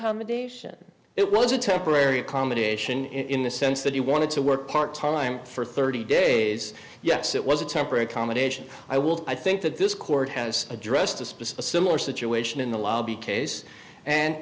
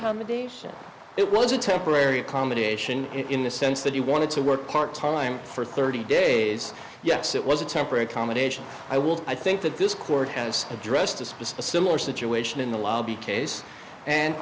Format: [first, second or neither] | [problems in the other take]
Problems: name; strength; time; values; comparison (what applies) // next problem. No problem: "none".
first | background sound (Fireworks); 18 dB below the speech